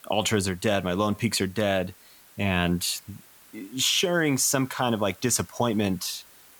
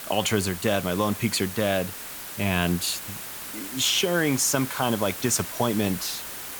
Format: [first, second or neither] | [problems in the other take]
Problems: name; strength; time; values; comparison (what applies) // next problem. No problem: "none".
first | hiss; loud; throughout; 9 dB below the speech; faint in the first